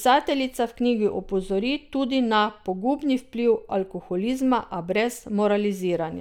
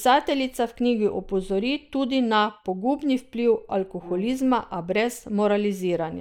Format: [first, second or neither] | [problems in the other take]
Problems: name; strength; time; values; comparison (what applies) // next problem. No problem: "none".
first | noise reduction (neural mask model Resemble Enhance denoiser)